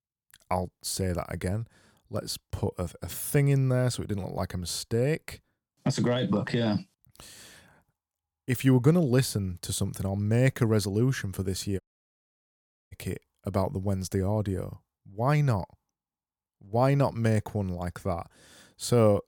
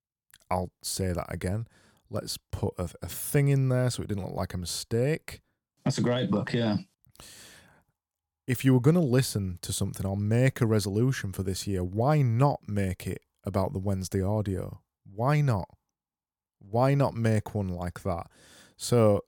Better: second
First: audio cutting out; at 12 s for 1 s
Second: none

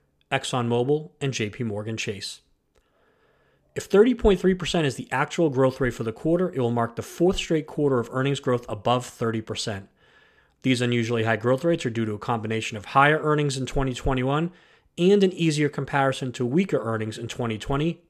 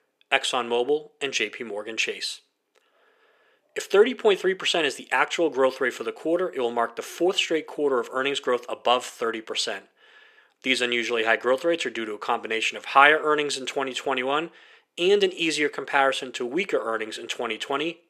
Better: first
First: none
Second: thin; somewhat; fading below 350 Hz

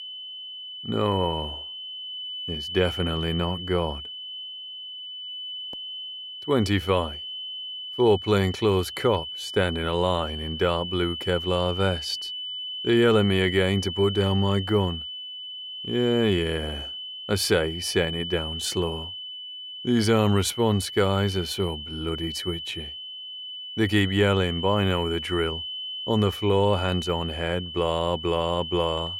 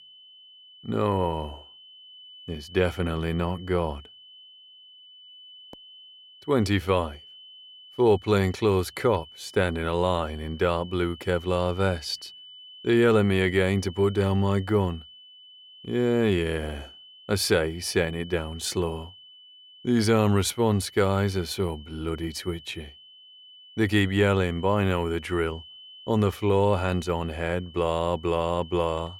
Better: second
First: high-pitched whine; loud; throughout; 3 kHz, 8 dB below the speech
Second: high-pitched whine; faint; throughout; 3 kHz, 20 dB below the speech

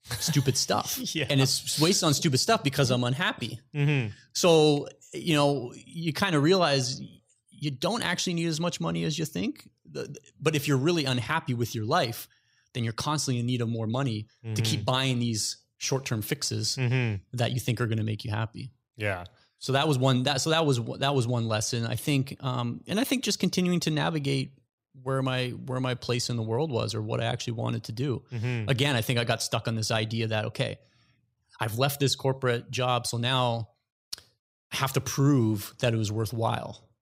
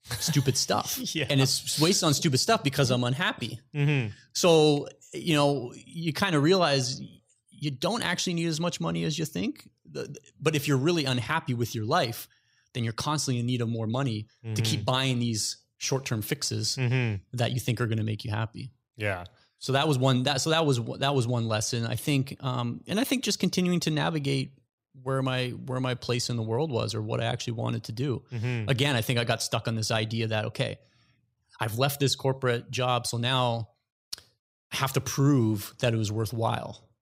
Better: neither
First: none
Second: none

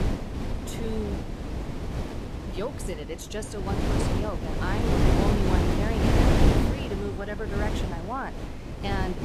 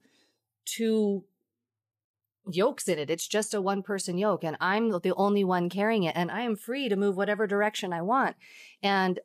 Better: second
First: wind noise on the microphone; heavy; 2 dB above the speech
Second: none

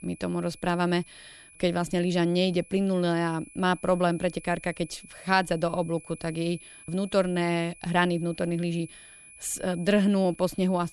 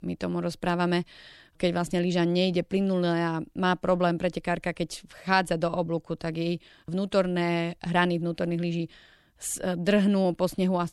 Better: second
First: high-pitched whine; faint; throughout; 2.5 kHz, 20 dB below the speech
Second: none

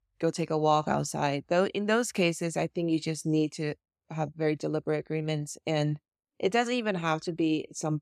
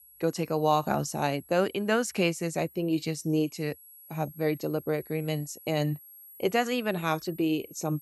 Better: first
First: none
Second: high-pitched whine; faint; throughout; 11.5 kHz, 20 dB below the speech

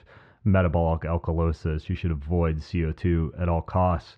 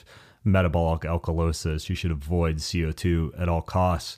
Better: second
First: muffled; very; fading above 2 kHz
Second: none

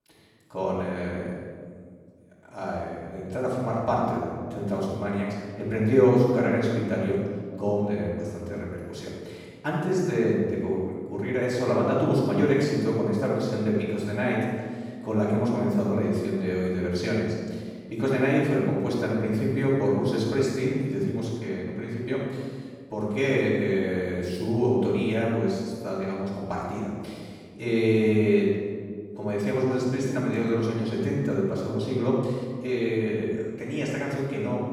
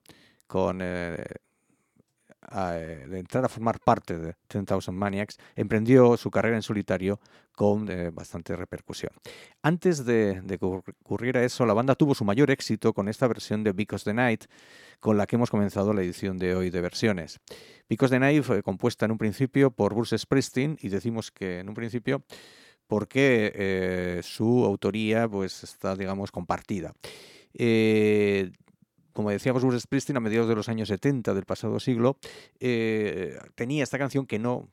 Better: second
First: off-mic speech; far // room echo; strong; dies away in 1.7 s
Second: none

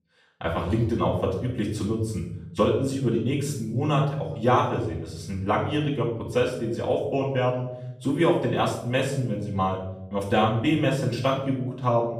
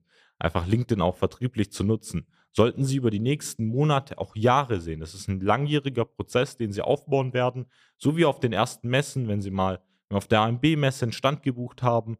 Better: second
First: off-mic speech; far // room echo; noticeable; dies away in 0.7 s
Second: none

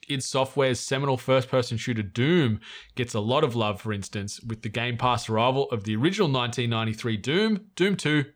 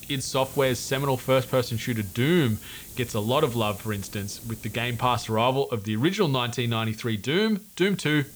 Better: first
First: none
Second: hiss; noticeable; throughout; 15 dB below the speech

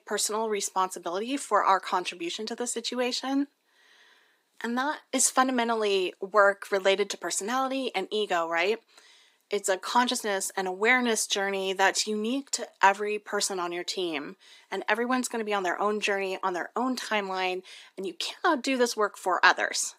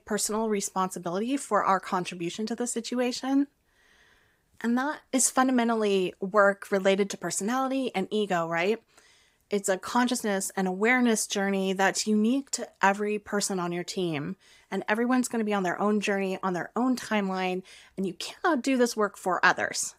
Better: second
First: thin; very slightly; fading below 250 Hz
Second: none

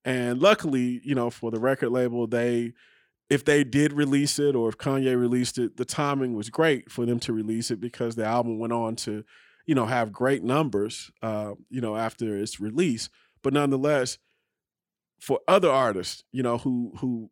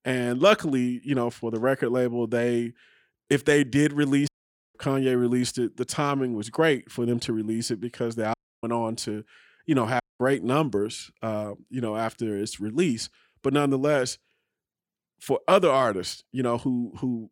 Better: first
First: none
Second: audio cutting out; at 4.5 s, at 8.5 s and at 10 s

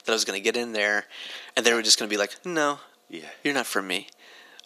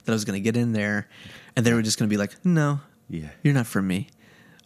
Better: second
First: thin; very; fading below 350 Hz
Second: none

